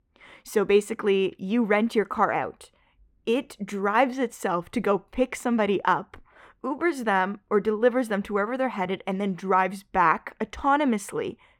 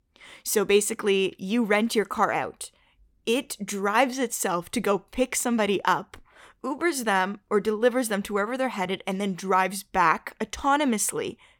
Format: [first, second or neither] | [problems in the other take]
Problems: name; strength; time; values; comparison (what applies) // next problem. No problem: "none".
second | muffled; slightly; fading above 3.5 kHz